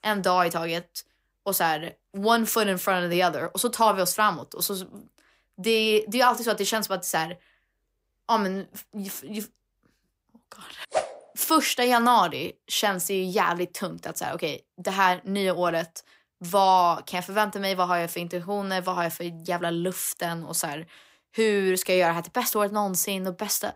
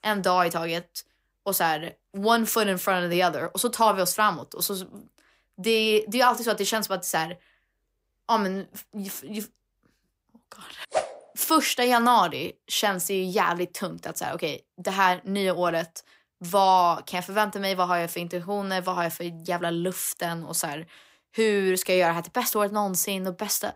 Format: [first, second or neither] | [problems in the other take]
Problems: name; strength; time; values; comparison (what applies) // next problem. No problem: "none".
neither | none